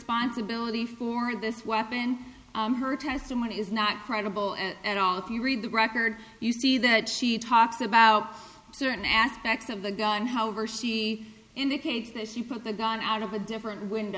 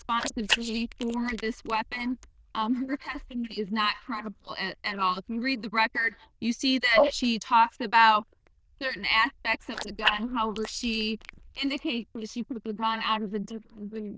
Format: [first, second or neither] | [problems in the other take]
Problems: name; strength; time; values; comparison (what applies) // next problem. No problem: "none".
first | noise reduction (neural diffusion model UNIVERSE++)